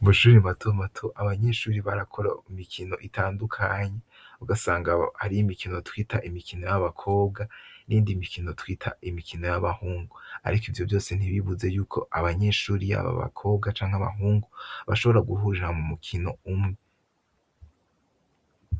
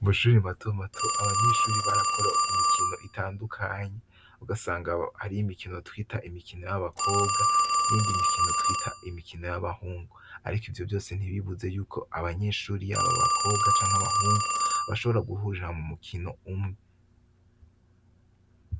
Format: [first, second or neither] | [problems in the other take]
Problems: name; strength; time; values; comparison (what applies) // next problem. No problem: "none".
first | background sound (Telephone); 2 dB above the speech